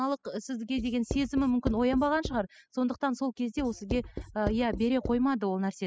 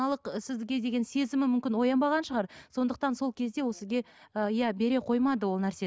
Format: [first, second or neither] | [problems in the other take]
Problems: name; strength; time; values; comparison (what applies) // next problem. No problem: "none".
second | noise reduction (classical method spectral subtraction)